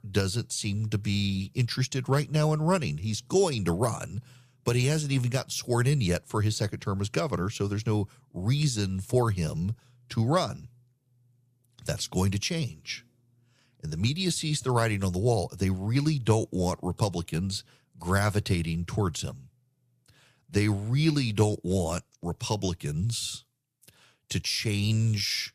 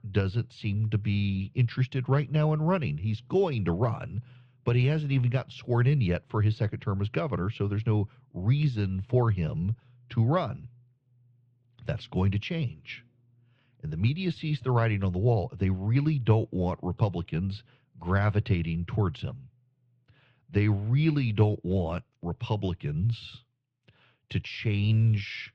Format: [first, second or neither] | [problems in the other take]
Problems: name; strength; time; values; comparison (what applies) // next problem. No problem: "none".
first | muffled; very; fading above 3 kHz